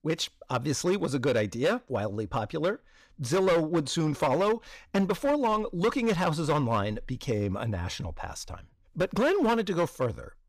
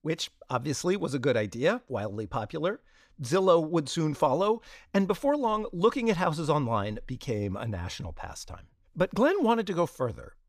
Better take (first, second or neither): second